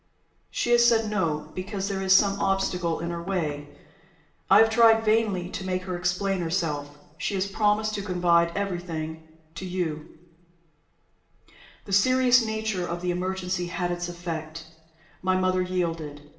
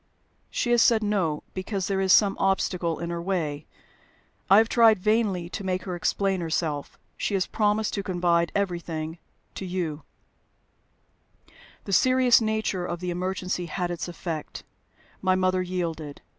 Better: second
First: background sound (Knock); 15 dB below the speech // room echo; dies away in 0.8 s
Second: none

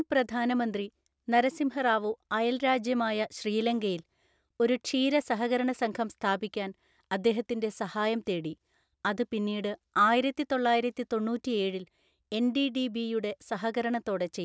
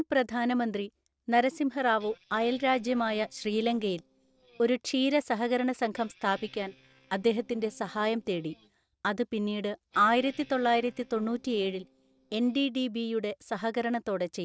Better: first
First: none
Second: noise reduction (neural separator model SepFormer DNS4)

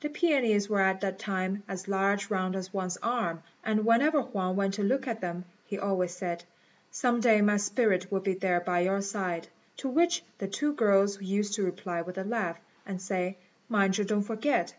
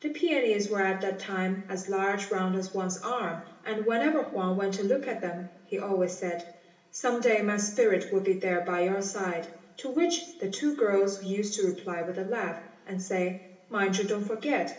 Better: first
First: none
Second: room echo; dies away in 0.7 s

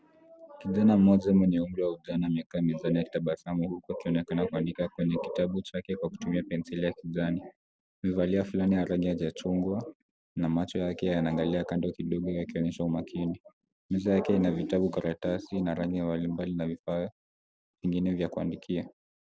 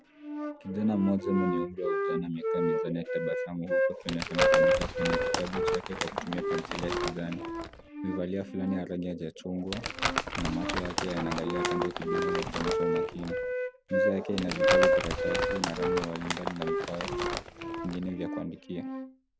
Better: first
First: none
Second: background sound (Crumpling, crinkling + Wind instrument, woodwind instrument); 4 dB above the speech

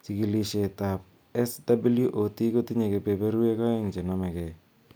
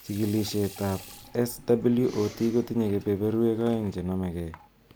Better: first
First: none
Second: background sound (Respiratory sounds + Sink (filling or washing) / Water tap, faucet); 20 dB below the speech

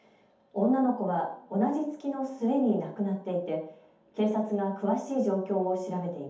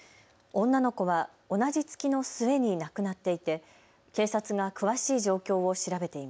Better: second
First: room echo; dies away in 0.6 s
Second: none

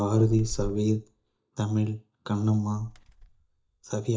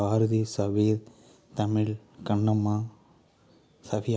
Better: second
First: noise reduction (neural mask model DeepFilterNet 3)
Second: none

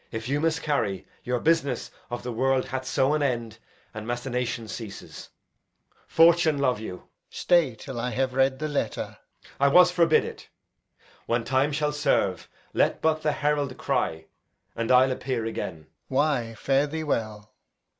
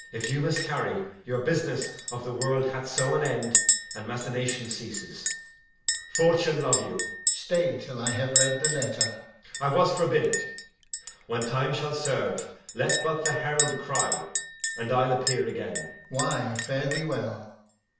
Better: first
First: none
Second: background sound (Chink, clink); 1 dB below the speech // room echo; dies away in 0.7 s

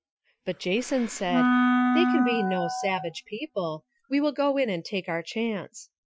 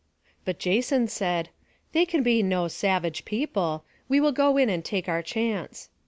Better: second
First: noise reduction (classical method Wiener filter)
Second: none

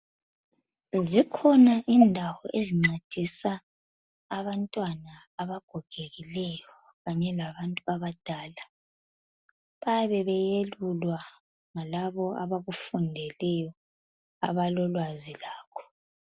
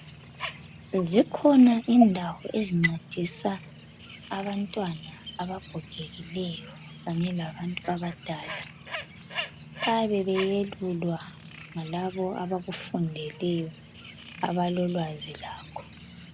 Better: first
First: none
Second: background sound (Bird); 15 dB below the speech

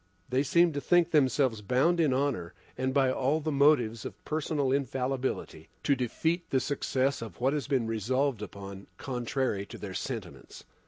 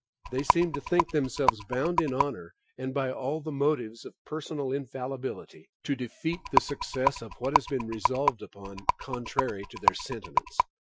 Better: first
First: none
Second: noise reduction (classical method Wiener filter)

